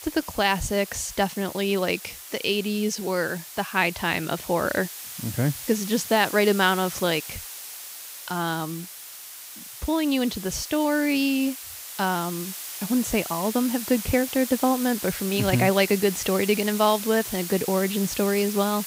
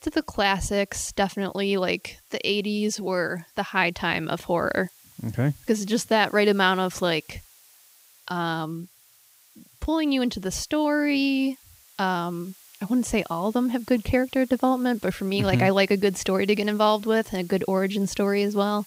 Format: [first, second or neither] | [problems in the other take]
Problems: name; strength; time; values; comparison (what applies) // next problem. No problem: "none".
second | hiss; loud; throughout; 9 dB below the speech; faint in the second